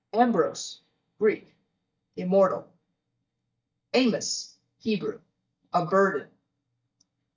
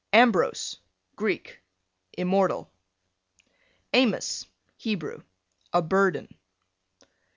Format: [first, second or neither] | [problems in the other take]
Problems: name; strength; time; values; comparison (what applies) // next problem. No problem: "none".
second | noise reduction (neural mask model DeepFilterNet 3)